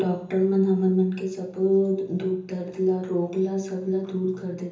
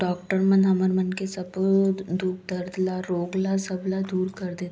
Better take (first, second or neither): second